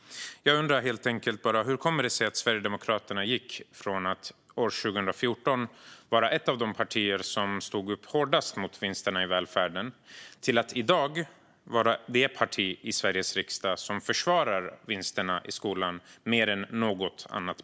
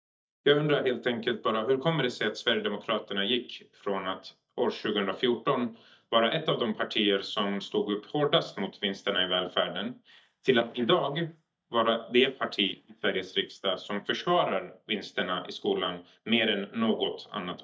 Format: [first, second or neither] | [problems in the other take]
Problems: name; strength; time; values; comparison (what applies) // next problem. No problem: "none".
first | noise reduction (neural mask model DeepFilterNet 3)